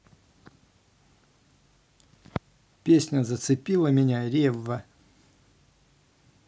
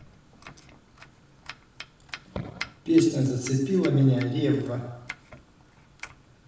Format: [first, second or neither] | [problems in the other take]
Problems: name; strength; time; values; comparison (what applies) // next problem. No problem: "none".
first | background sound (Domestic sounds, home sounds); 18 dB below the speech // room echo; dies away in 0.9 s